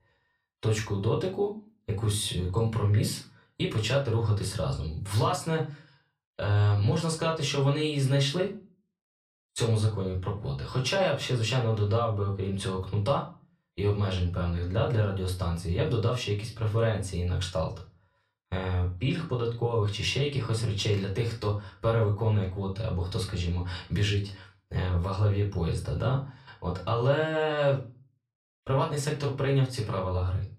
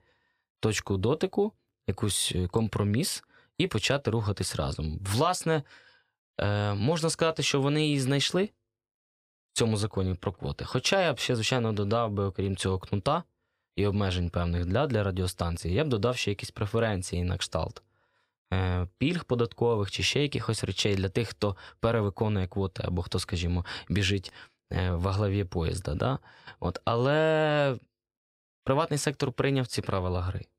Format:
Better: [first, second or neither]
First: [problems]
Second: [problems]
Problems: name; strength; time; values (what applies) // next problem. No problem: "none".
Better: second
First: off-mic speech; far // room echo; very slight; dies away in 0.3 s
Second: none